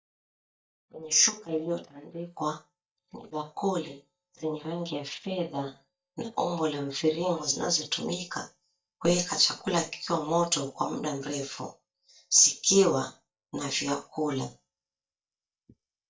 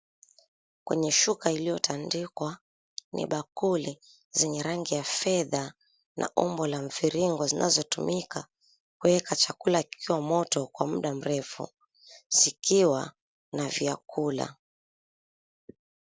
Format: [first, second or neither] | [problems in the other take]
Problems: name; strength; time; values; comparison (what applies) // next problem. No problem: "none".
second | noise reduction (neural mask model DeepFilterNet 3)